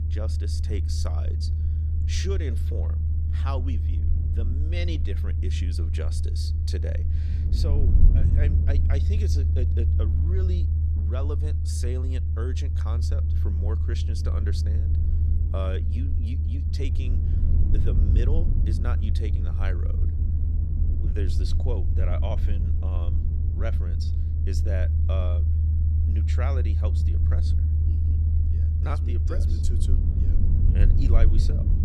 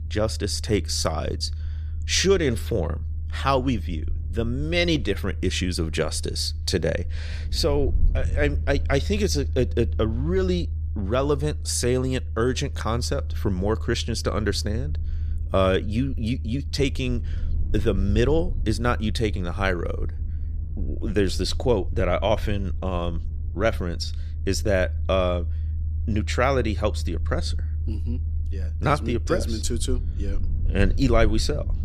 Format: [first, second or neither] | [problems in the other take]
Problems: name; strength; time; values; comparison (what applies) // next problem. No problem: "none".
second | low rumble; loud; throughout; 2 dB below the speech; faint in the second